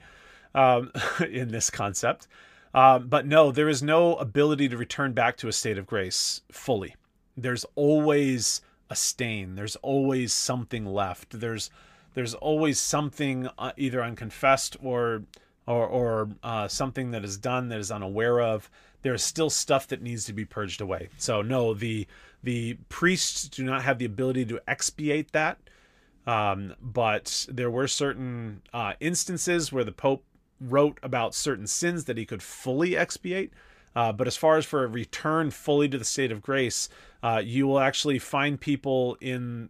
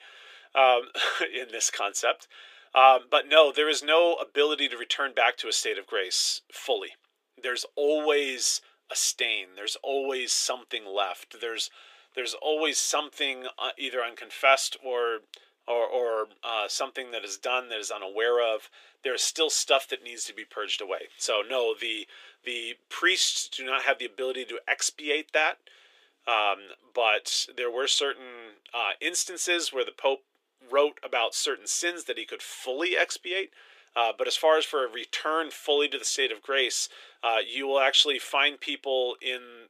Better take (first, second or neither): first